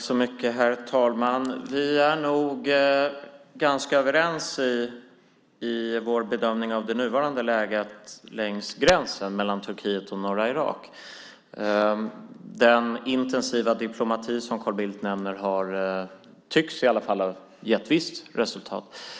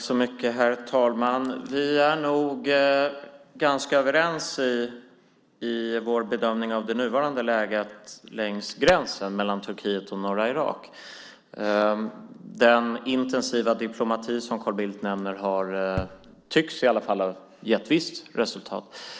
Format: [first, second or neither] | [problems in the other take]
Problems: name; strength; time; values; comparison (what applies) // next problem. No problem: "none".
first | noise reduction (neural separator model SepFormer DNS4)